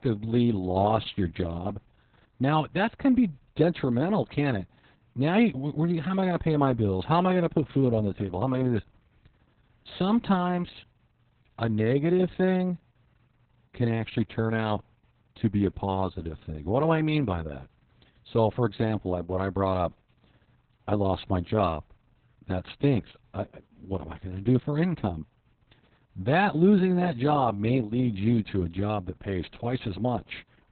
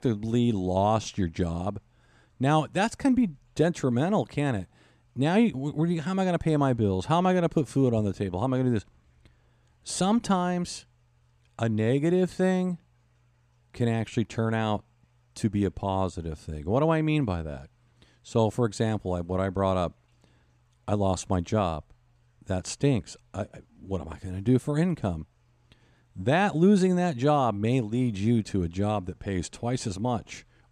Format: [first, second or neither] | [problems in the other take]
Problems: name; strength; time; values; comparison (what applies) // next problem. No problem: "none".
second | garbled, watery; badly; nothing above 4 kHz